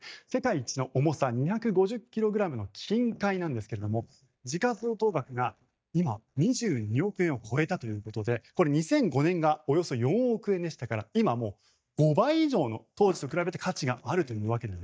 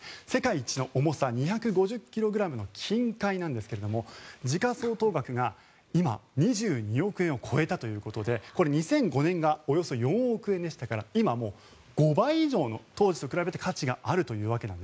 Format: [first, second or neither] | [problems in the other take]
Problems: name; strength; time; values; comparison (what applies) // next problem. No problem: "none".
second | noise reduction (neural mask model DeepFilterNet 3)